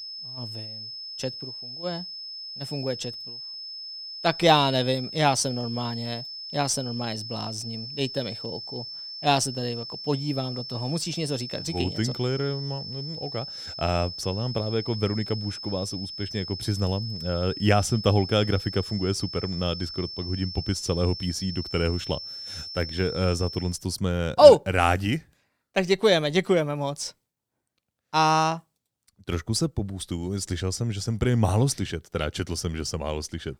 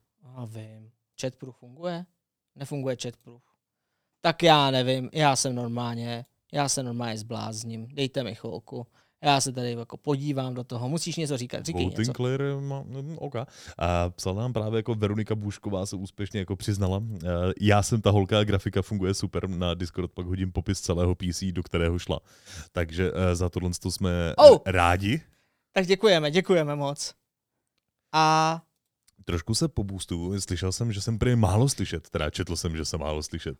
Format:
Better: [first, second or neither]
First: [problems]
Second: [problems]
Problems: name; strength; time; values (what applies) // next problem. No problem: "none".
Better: second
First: high-pitched whine; loud; until 24 s; 5.5 kHz, 9 dB below the speech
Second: none